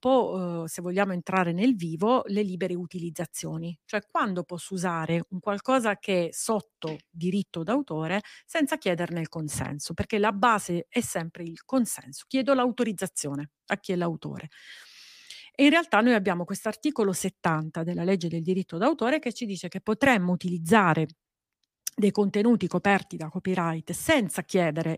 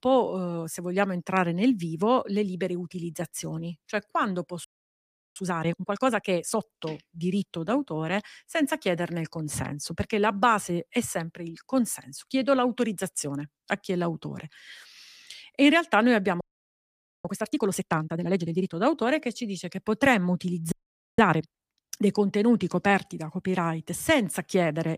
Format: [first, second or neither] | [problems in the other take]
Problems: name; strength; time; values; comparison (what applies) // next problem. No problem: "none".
first | audio freezing; at 4.5 s for 0.5 s, at 16 s for 1 s and at 21 s